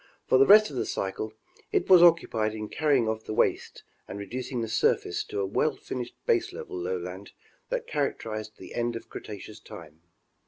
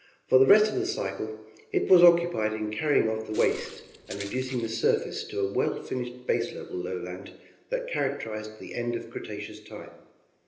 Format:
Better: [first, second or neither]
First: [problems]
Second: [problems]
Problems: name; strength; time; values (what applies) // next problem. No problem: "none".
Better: first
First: none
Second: background sound (Walk, footsteps); 17 dB below the speech // room echo; dies away in 0.8 s